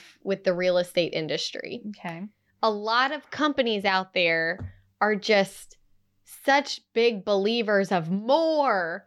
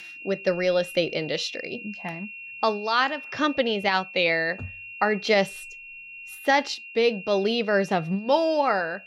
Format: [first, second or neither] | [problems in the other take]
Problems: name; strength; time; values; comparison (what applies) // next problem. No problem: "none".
first | high-pitched whine; noticeable; throughout; 2.5 kHz, 15 dB below the speech